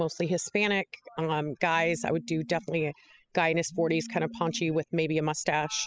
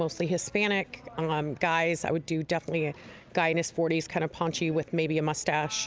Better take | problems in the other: second | noise reduction (classical method spectral subtraction)

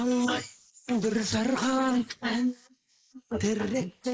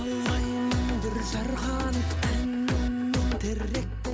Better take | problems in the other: second | noise reduction (neural mask model Resemble Enhance denoiser)

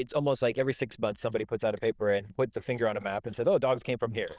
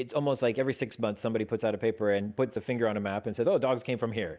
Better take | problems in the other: second | noise reduction (neural diffusion model UNIVERSE++)

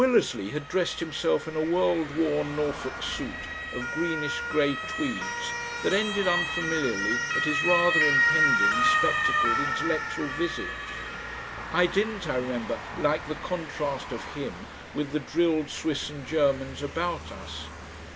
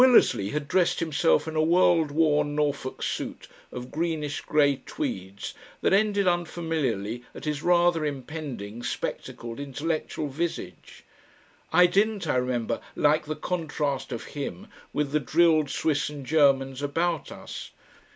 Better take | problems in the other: second | background sound (Motor vehicle (road) / Siren); 2 dB below the speech

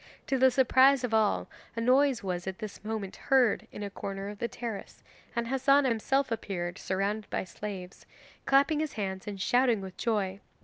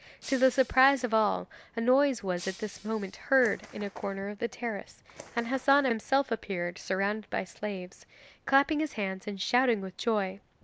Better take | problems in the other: first | background sound (Shatter + Bird); 20 dB below the speech

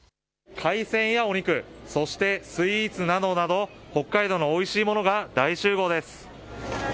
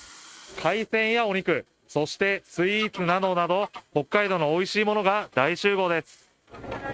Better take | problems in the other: first | noise reduction (neural mask model RNNoise)

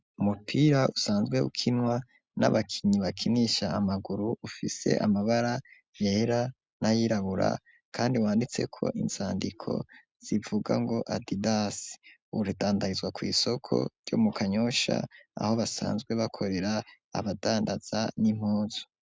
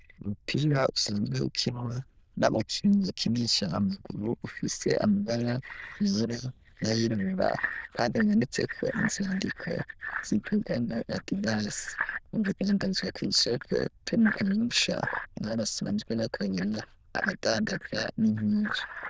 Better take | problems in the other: first | noise reduction (neural diffusion model UNIVERSE++)

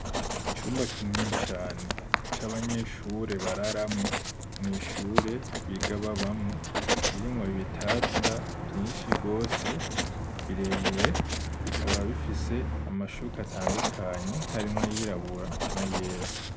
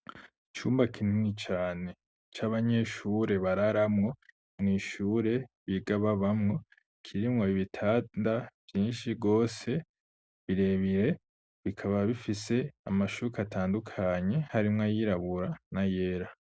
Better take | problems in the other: second | background sound (Writing); 2 dB above the speech

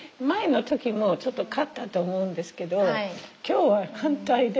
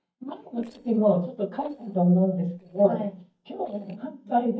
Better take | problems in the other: first | noise reduction (neural mask model DeepFilterNet 3)

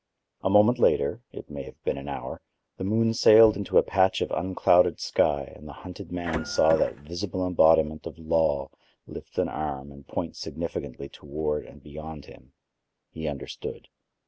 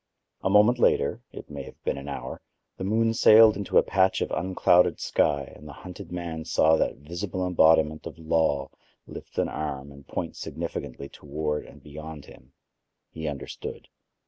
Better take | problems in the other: second | background sound (Printer); 10 dB below the speech

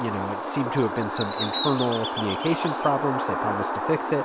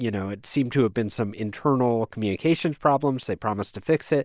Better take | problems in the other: second | background sound (Bird); 1 dB below the speech

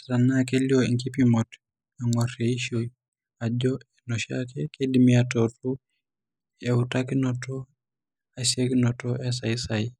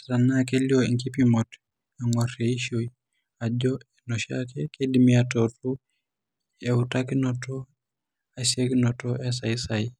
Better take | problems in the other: second | noise reduction (neural mask model Resemble Enhance denoiser)

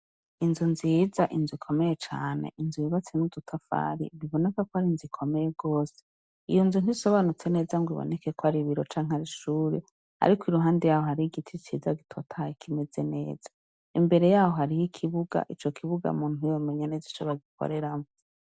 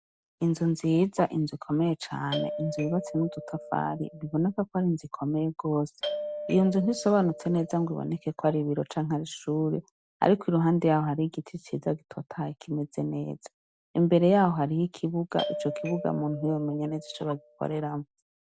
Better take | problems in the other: first | background sound (Doorbell); 10 dB below the speech

